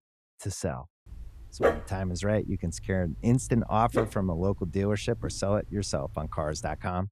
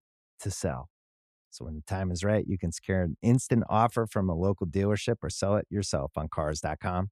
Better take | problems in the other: second | dog barking; loud; from 1 to 6 s; peak 2 dB above the speech

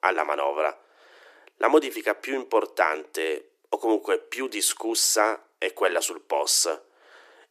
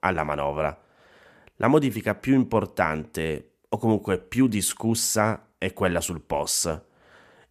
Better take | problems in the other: second | thin; very; fading below 300 Hz

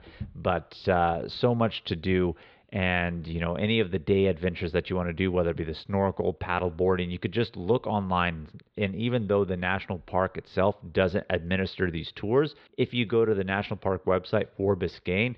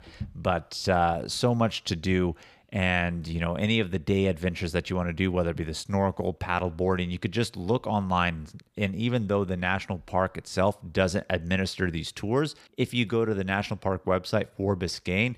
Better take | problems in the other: second | muffled; slightly; fading above 4 kHz

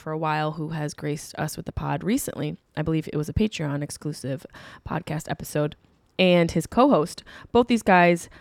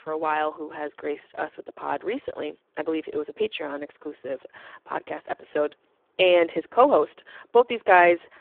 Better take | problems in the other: first | phone-call audio; poor line

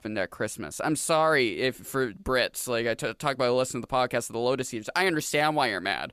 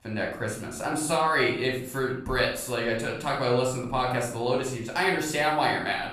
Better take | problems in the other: first | room echo; noticeable; dies away in 0.5 s // off-mic speech; far

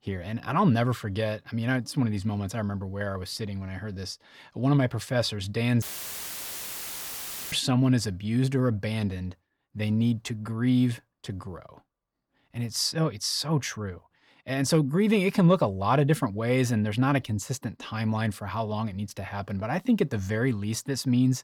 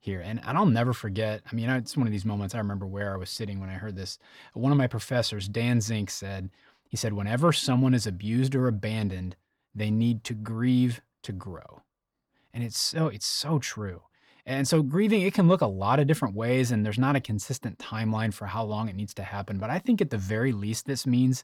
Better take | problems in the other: second | audio cutting out; filled with static; at 6 s for 1.5 s

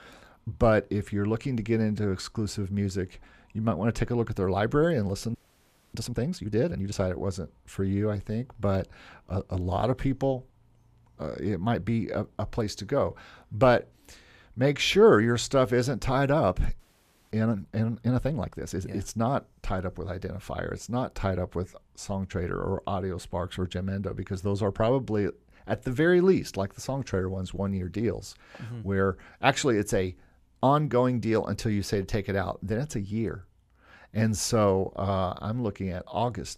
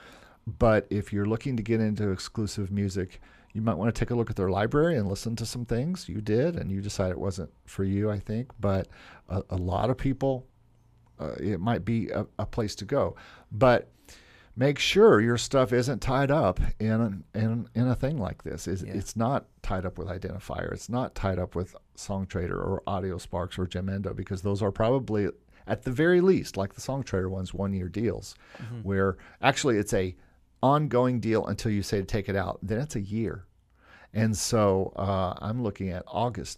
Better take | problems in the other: second | audio freezing; at 5.5 s for 0.5 s and at 17 s for 0.5 s

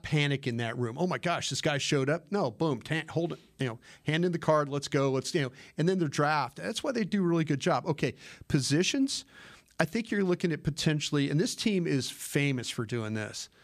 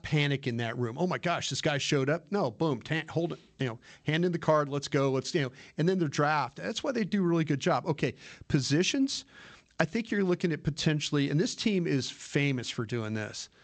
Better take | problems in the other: first | garbled, watery; slightly; nothing above 7.5 kHz

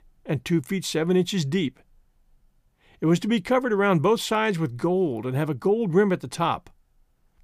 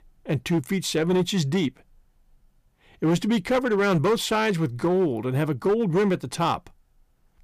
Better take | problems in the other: first | distortion; slight; 7% of the sound clipped

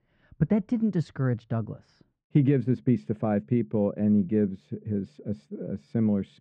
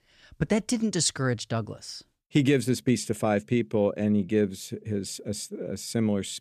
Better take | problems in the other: second | muffled; very; fading above 1.5 kHz

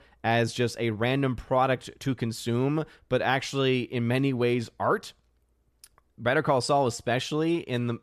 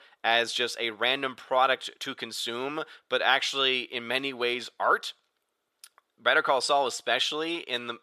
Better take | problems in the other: first | thin; very; fading below 550 Hz

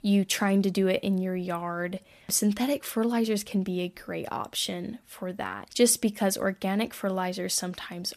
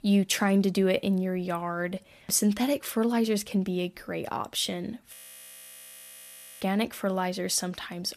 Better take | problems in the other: first | audio freezing; at 5 s for 1.5 s

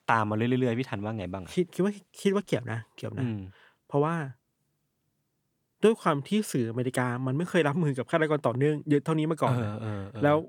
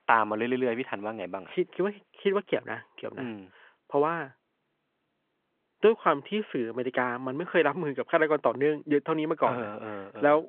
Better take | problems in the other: first | phone-call audio

